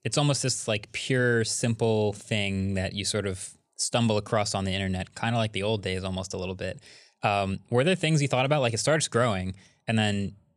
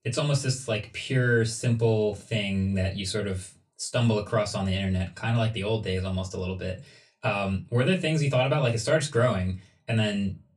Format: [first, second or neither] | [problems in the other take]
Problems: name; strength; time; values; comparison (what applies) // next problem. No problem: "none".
first | off-mic speech; far // room echo; very slight; dies away in 0.2 s